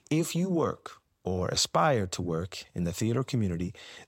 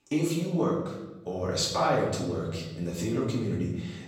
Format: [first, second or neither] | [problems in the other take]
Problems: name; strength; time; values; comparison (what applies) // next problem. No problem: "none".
first | off-mic speech; far // room echo; noticeable; dies away in 0.9 s